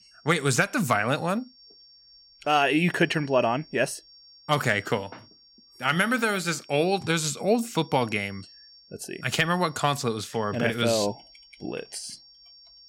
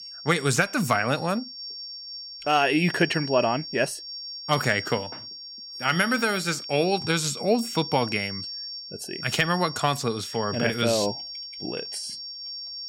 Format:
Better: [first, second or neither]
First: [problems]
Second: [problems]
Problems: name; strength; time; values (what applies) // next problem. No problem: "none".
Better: first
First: high-pitched whine; faint; throughout; 5.5 kHz, 25 dB below the speech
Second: high-pitched whine; loud; throughout; 5.5 kHz, 9 dB below the speech